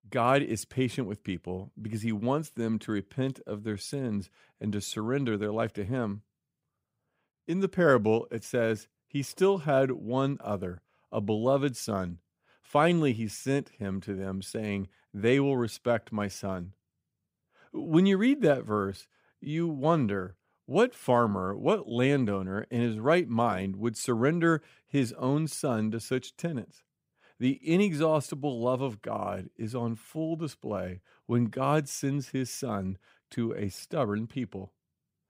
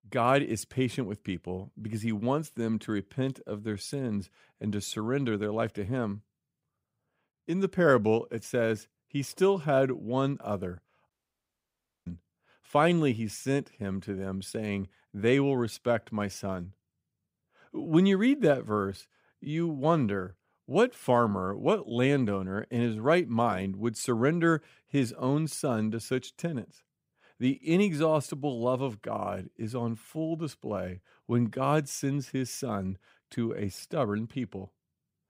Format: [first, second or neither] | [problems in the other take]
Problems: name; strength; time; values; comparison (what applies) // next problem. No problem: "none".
first | audio cutting out; at 11 s for 1 s